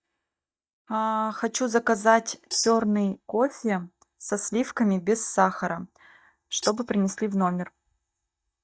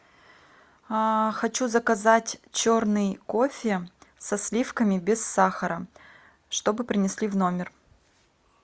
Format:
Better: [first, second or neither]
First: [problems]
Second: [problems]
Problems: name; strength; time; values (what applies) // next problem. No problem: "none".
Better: second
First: noise reduction (neural mask model DeepFilterNet 3)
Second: none